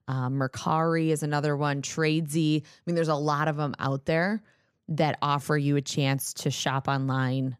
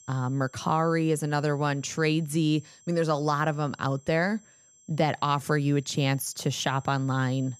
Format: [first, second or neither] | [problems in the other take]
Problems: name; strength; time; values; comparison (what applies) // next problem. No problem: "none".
first | high-pitched whine; faint; throughout; 7.5 kHz, 25 dB below the speech